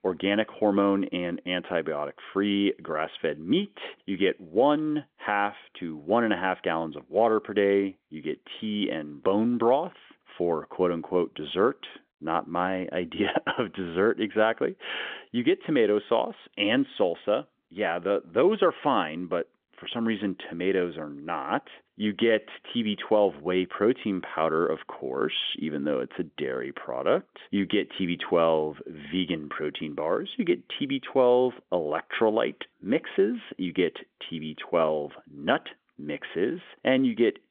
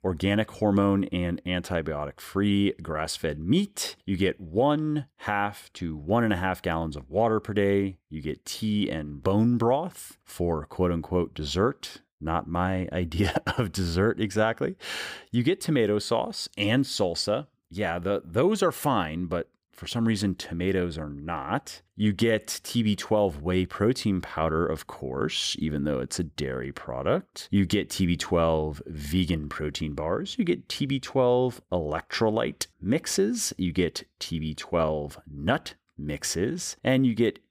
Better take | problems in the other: second | phone-call audio; nothing above 3.5 kHz

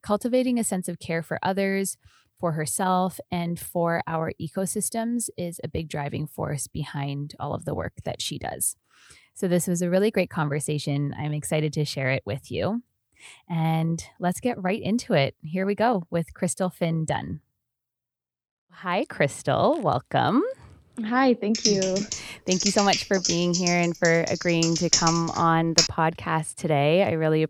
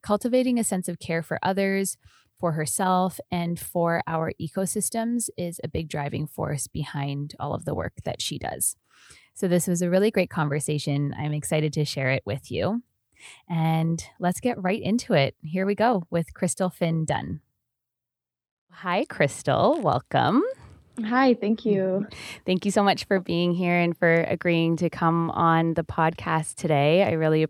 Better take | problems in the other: second | keyboard typing; loud; from 22 to 26 s; peak 4 dB above the speech

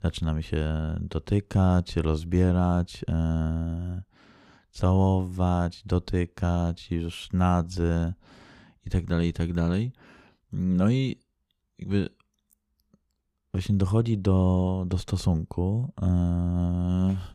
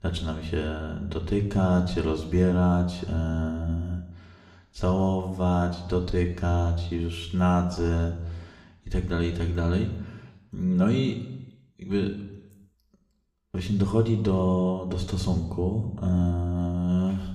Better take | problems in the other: first | room echo; slight; dies away in 0.8 s // off-mic speech; somewhat distant

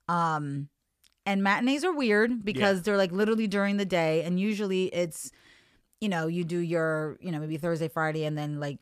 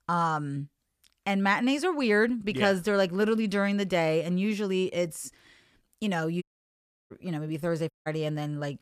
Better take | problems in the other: first | audio cutting out; at 6.5 s for 0.5 s and at 8 s

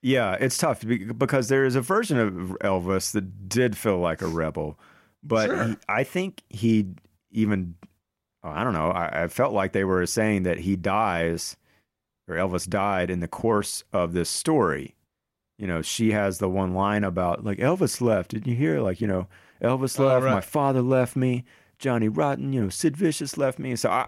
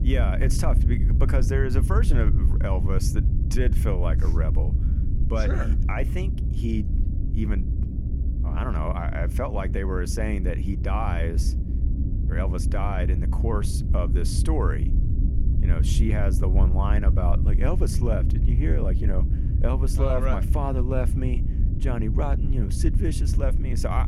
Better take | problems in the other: first | low rumble; loud; throughout; 7 dB below the speech

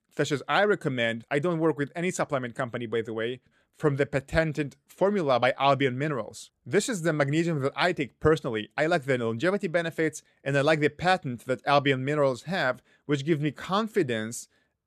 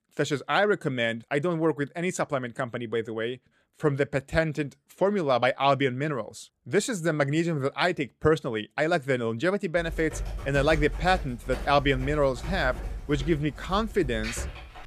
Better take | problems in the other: first | keyboard typing; noticeable; from 10 s on; peak 8 dB below the speech

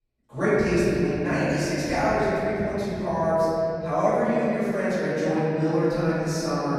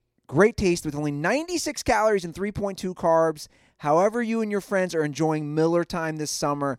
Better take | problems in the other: second | off-mic speech; far // room echo; strong; dies away in 3 s

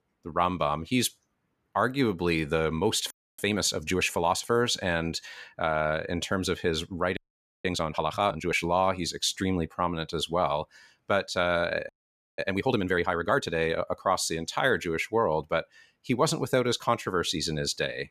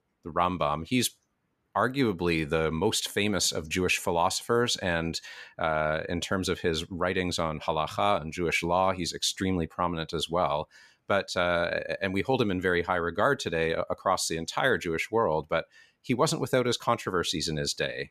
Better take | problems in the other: second | audio freezing; at 3 s, at 7 s and at 12 s

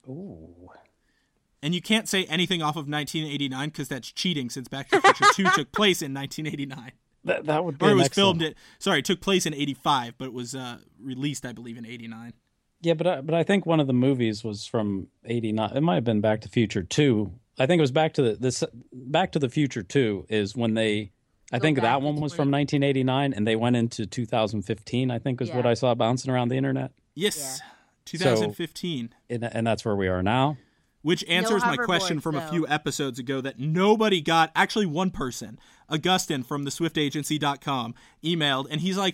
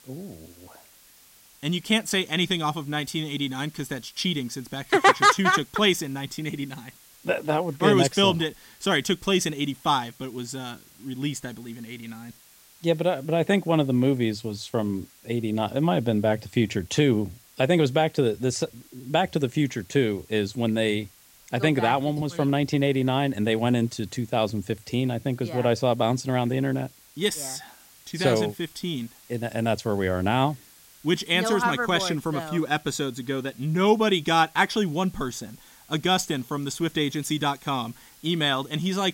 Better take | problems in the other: first | hiss; faint; throughout; 25 dB below the speech

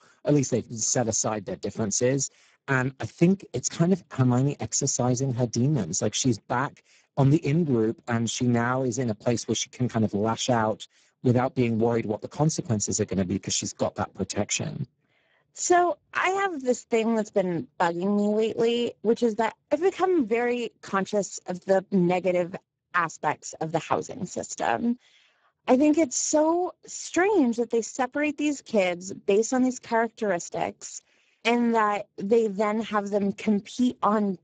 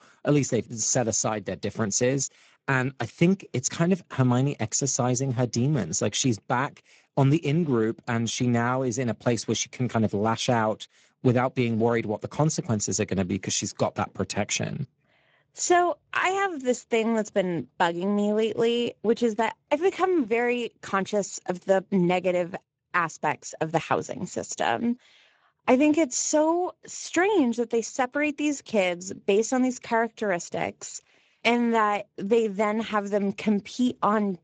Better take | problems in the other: second | garbled, watery; badly; nothing above 7.5 kHz; slightly in the second

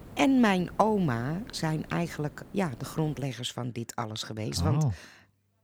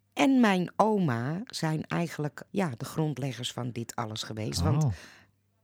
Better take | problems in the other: second | hiss; noticeable; until 3.5 s; 20 dB below the speech

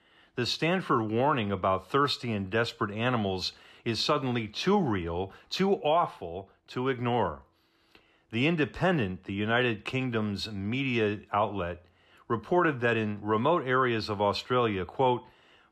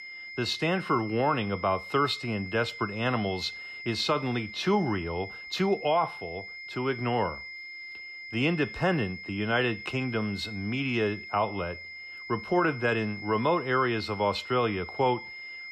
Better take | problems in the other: first | high-pitched whine; noticeable; throughout; 2 kHz, 10 dB below the speech

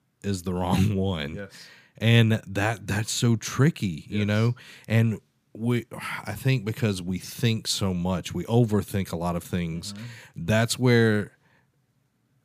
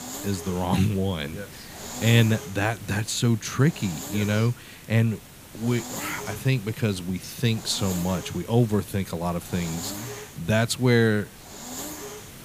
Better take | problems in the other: first | hiss; noticeable; throughout; 15 dB below the speech

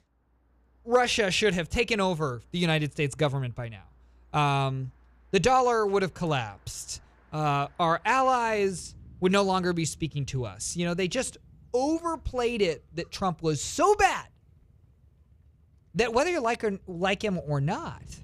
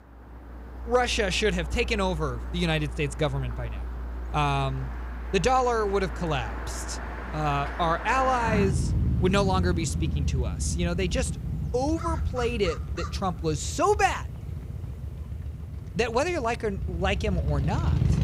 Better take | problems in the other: first | traffic noise; loud; throughout; 5 dB below the speech; faint in the first

